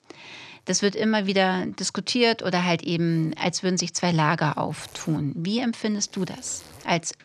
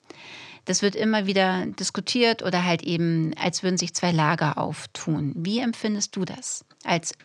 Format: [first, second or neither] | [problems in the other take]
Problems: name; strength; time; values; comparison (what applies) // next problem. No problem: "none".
second | household noises; faint; throughout; 25 dB below the speech